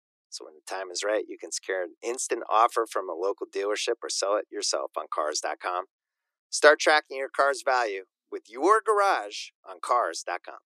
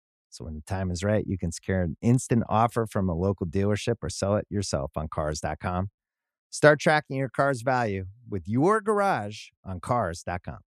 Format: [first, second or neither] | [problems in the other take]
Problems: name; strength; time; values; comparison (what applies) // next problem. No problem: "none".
second | thin; very; fading below 350 Hz